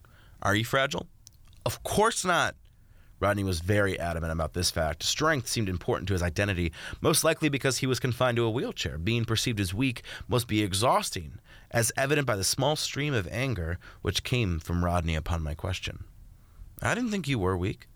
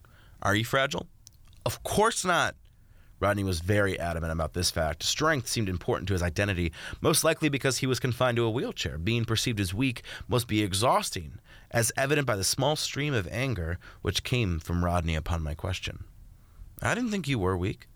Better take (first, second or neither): neither